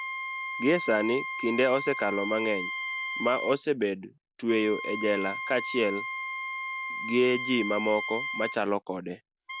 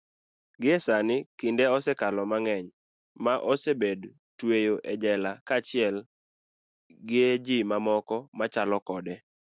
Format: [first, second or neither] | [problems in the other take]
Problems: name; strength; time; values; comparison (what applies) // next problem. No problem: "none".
second | background sound (Wind instrument, woodwind instrument); 6 dB below the speech